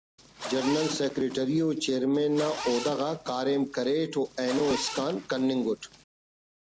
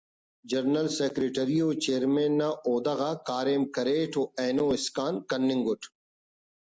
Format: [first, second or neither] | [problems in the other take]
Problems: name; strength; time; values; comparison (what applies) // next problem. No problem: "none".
second | background sound (Zipper (clothing)); 11 dB below the speech